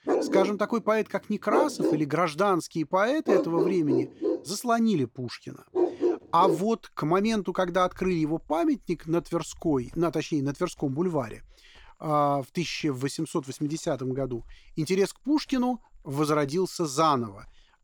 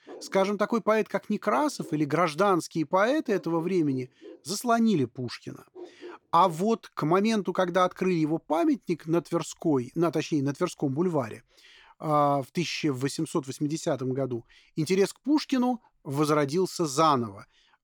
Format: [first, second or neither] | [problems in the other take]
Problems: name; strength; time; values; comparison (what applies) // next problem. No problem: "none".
second | animal sounds; loud; throughout; 1 dB below the speech; faint in the second